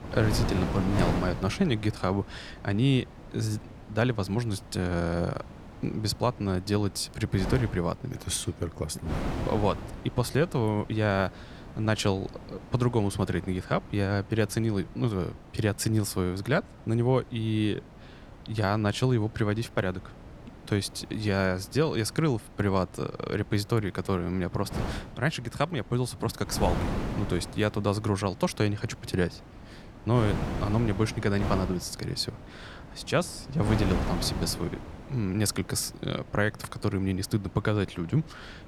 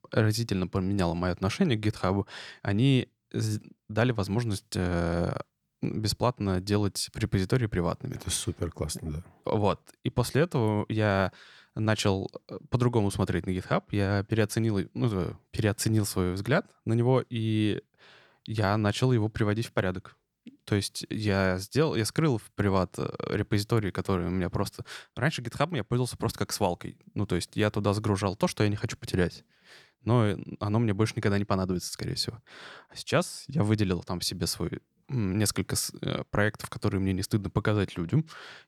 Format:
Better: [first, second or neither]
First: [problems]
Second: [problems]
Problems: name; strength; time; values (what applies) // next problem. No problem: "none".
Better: second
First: wind noise on the microphone; occasional gusts; 10 dB below the speech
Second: none